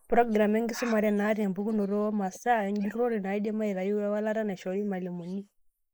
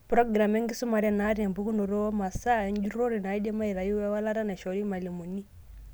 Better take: second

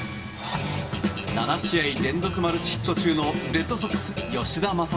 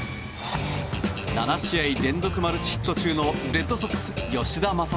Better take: second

